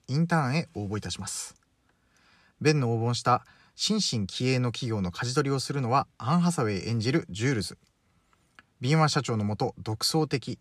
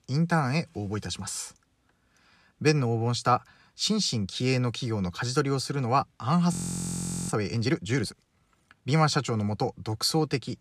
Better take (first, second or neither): first